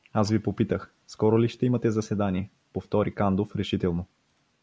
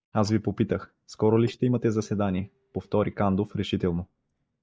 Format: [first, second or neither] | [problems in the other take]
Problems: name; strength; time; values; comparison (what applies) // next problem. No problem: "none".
first | noise reduction (neural mask model DeepFilterNet 3)